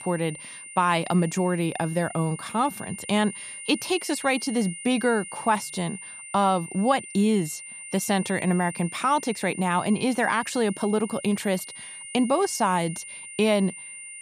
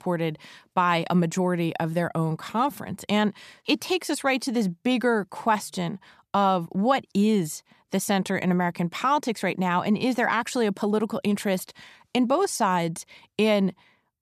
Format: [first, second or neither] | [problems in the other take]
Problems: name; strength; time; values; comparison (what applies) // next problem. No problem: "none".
second | high-pitched whine; noticeable; throughout; 9 kHz, 10 dB below the speech